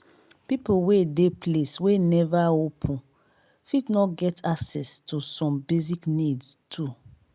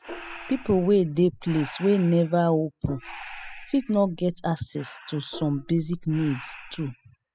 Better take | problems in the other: first | noise reduction (classical method spectral subtraction)

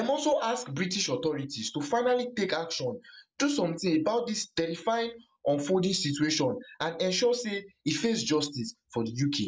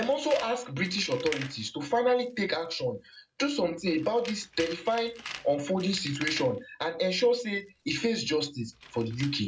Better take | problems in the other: first | background sound (Tools); 16 dB below the speech // room echo; dies away in 0.2 s

